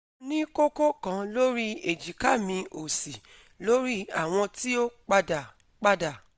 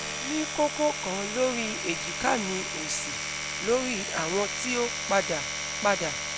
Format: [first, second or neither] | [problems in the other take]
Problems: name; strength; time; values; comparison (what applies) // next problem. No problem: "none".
first | background sound (Domestic sounds, home sounds); 3 dB below the speech